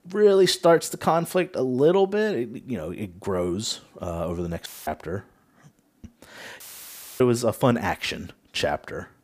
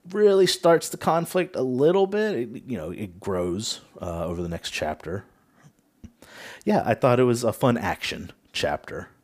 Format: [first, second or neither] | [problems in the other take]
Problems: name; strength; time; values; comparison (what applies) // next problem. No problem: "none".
second | audio cutting out; filled with static; at 4.5 s and at 6.5 s for 0.5 s